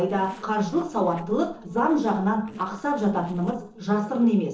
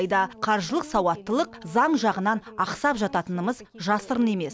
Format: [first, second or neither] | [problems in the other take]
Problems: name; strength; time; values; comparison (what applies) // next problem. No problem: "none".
second | noise reduction (neural separator model SepFormer DNS4)